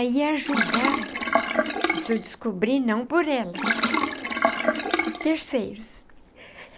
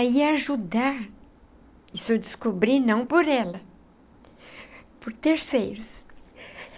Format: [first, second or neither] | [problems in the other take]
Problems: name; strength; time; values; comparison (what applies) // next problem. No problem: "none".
second | background sound (Sink (filling or washing)); 1 dB above the speech